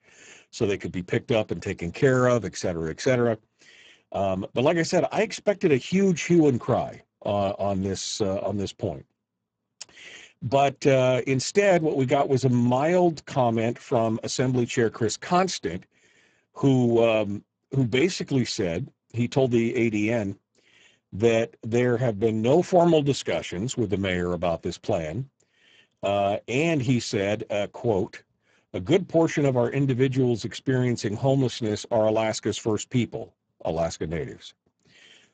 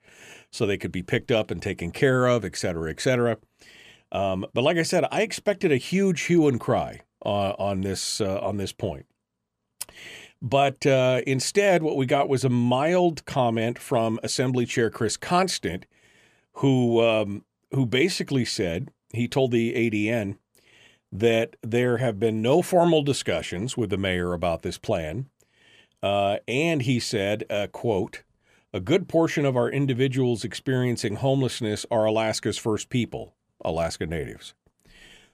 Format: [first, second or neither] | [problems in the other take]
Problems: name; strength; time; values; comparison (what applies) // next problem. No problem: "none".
second | garbled, watery; badly; nothing above 7.5 kHz